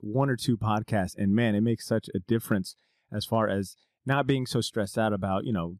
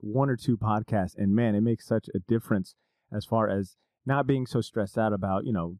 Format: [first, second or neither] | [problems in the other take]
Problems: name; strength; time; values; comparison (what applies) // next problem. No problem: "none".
first | muffled; slightly; fading above 1.5 kHz